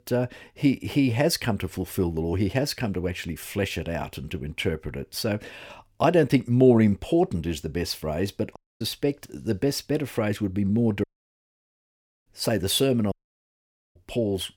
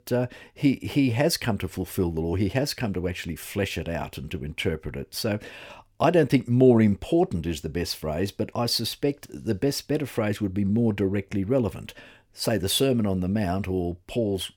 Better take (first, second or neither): second